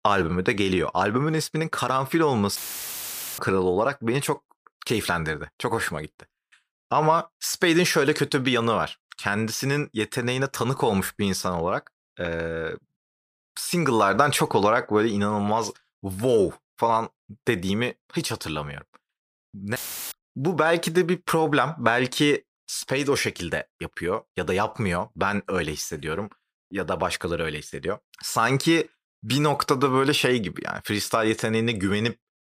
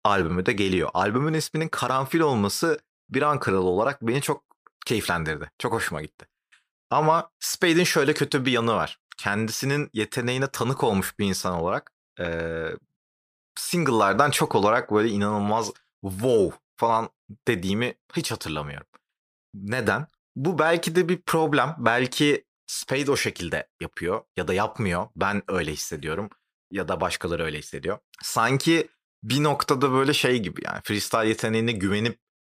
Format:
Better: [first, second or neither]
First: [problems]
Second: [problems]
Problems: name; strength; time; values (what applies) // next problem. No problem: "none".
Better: second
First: audio cutting out; filled with static; at 2.5 s for 1 s and at 20 s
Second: none